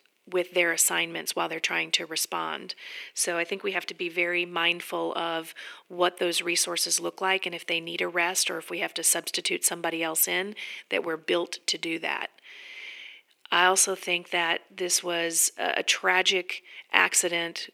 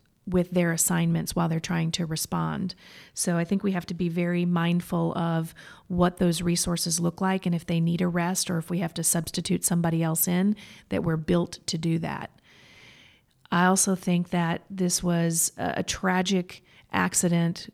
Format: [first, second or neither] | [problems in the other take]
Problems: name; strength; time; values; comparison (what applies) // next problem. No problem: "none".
second | thin; very; fading below 350 Hz